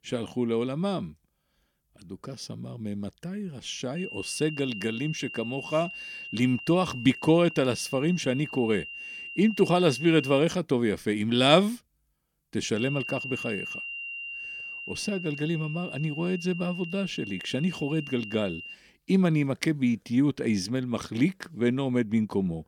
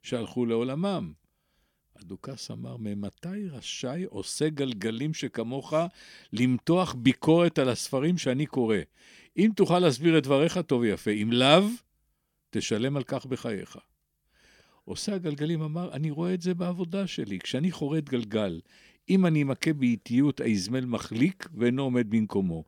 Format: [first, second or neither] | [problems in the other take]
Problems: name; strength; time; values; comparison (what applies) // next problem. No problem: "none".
second | high-pitched whine; loud; from 4 to 10 s and from 13 to 19 s; 3 kHz, 10 dB below the speech